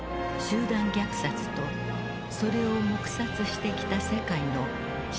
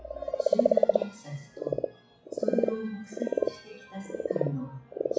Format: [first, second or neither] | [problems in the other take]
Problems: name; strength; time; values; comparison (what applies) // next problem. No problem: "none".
first | noise reduction (classical method WPE with log-MMSE)